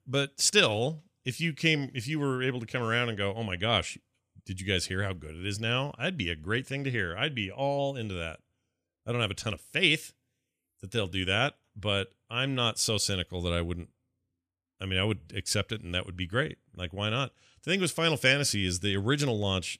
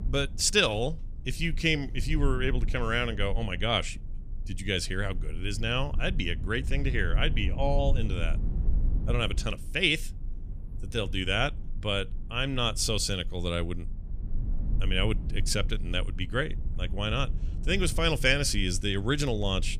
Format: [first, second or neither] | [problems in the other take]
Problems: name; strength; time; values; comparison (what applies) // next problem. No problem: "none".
first | low rumble; faint; throughout; 20 dB below the speech